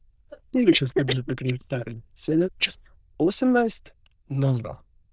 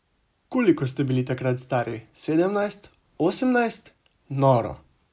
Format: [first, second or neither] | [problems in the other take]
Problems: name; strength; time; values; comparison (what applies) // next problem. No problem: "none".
second | noise reduction (neural diffusion model UNIVERSE++)